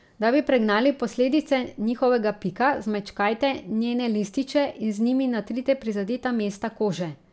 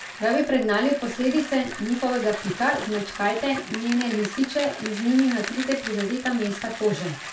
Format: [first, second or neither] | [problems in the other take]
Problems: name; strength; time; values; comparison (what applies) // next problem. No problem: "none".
first | background sound (Bicycle); 12 dB below the speech // room echo; dies away in 0.3 s